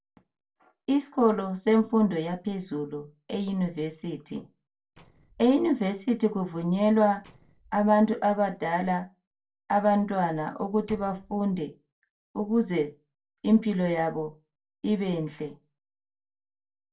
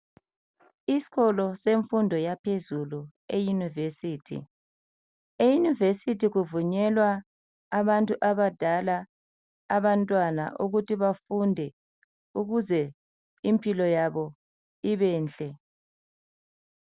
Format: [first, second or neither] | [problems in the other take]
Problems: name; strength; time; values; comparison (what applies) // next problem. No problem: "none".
second | noise reduction (neural separator model SepFormer DNS4)